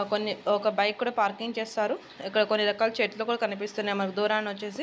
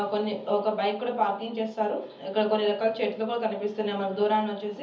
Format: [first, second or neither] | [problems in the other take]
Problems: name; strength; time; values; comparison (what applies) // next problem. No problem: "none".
first | room echo; dies away in 0.7 s